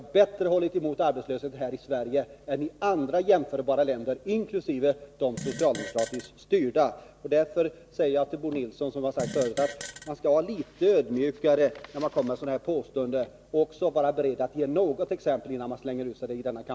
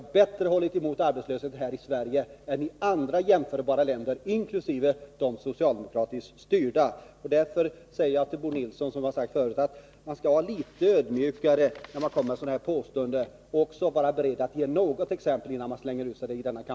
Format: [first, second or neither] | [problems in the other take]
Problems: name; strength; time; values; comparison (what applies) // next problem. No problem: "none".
second | background sound (Fart); 12 dB below the speech